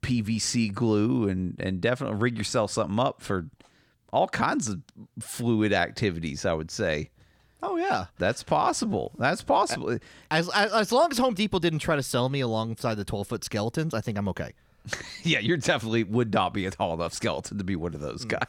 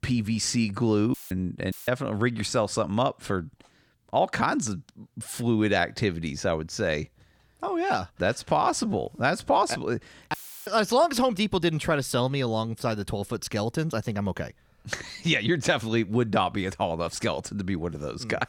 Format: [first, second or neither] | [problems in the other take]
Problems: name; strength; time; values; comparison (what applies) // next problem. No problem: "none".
first | audio cutting out; filled with static; at 1 s, at 1.5 s and at 10 s